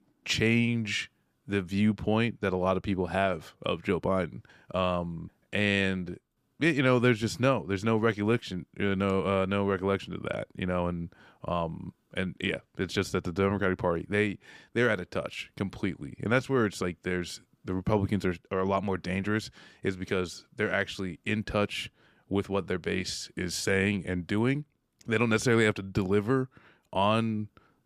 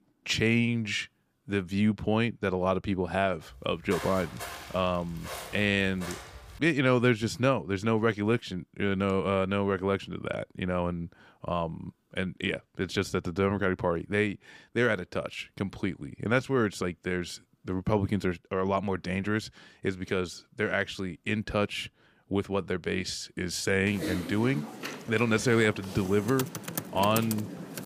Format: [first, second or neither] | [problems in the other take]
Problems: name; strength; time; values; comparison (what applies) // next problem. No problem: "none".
first | footsteps; noticeable; from 3.5 to 6.5 s; peak 8 dB below the speech // keyboard typing; noticeable; from 24 s on; peak 4 dB below the speech